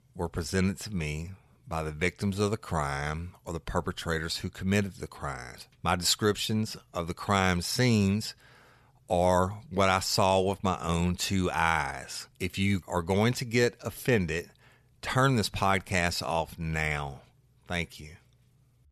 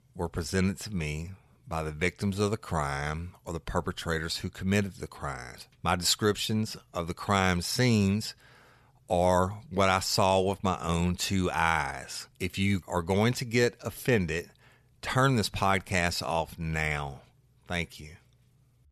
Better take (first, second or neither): neither